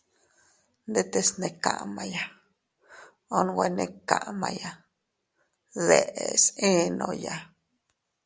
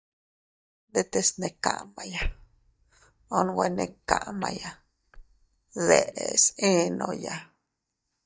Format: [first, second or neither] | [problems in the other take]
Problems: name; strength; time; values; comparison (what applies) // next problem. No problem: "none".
first | noise reduction (neural mask model DeepFilterNet 3)